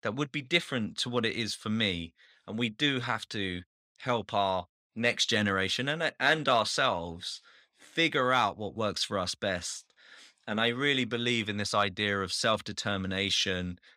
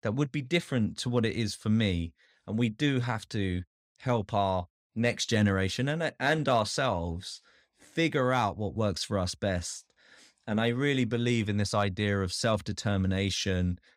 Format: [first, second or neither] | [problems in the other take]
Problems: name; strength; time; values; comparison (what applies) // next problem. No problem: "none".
second | thin; very slightly; fading below 500 Hz